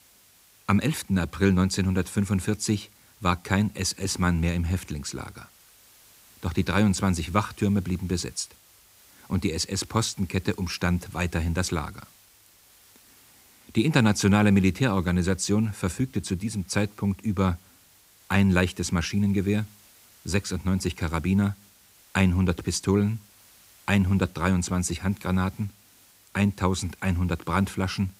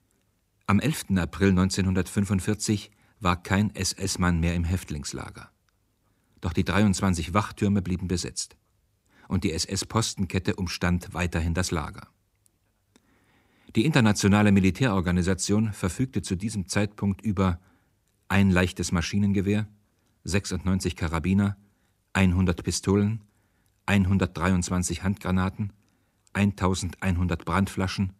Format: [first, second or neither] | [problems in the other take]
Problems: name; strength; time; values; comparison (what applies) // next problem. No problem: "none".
second | hiss; faint; throughout; 25 dB below the speech